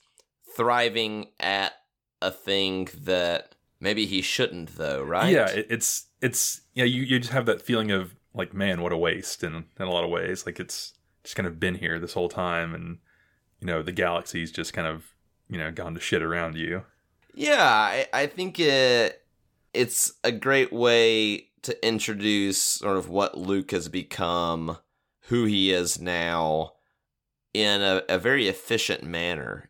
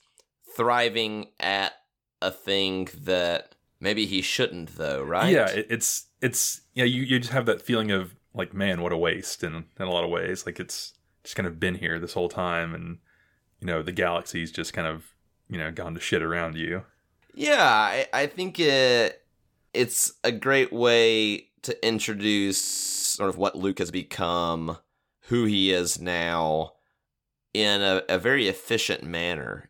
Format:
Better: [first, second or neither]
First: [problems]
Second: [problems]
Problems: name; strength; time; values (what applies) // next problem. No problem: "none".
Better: first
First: none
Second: audio freezing; at 23 s